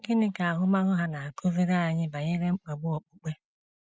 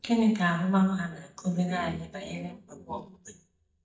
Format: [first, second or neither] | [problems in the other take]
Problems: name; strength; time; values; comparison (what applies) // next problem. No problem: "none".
first | noise reduction (neural mask model DeepFilterNet 3)